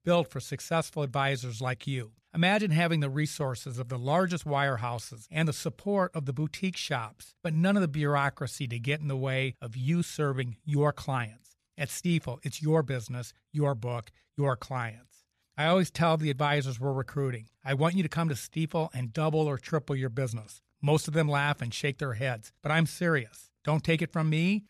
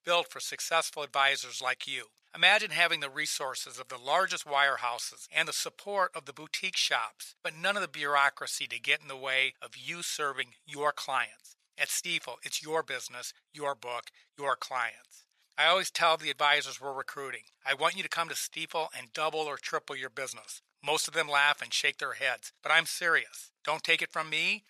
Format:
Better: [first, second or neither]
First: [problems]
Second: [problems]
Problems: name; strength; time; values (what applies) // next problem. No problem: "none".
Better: first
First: none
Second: thin; very; fading below 850 Hz